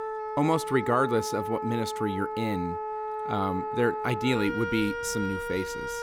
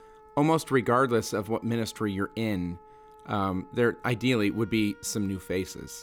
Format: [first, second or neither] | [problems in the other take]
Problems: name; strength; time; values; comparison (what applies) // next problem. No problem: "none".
second | background music; loud; throughout; 4 dB below the speech; faint in the second